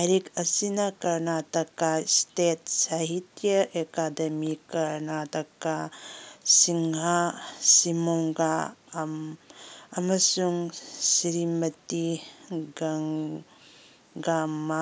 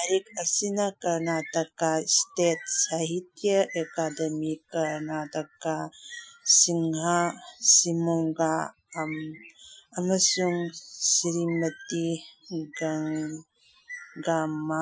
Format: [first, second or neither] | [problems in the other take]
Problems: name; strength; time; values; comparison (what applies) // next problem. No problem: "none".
first | noise reduction (classical method Wiener filter)